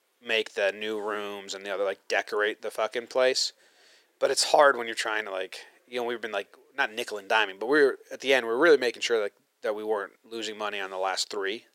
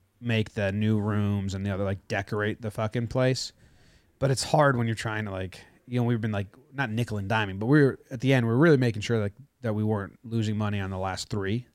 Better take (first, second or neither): second